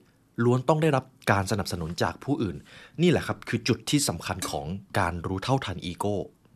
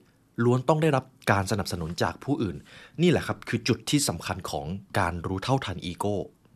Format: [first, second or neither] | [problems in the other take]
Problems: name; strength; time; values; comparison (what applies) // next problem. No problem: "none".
second | clattering dishes; noticeable; at 4.5 s; peak 10 dB below the speech